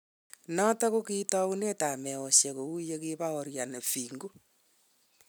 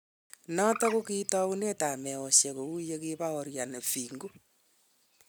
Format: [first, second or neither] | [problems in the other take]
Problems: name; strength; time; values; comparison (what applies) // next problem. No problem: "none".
first | background sound (Bird); 16 dB below the speech